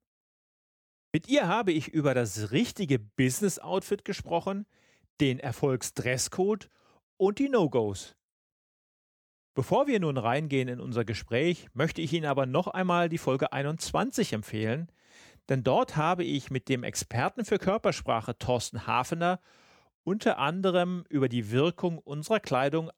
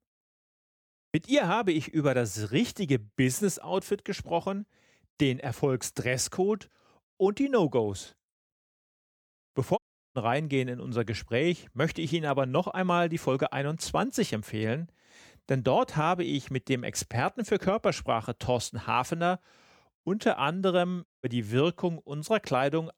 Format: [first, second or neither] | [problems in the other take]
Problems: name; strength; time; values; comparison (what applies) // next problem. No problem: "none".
first | audio cutting out; at 10 s and at 21 s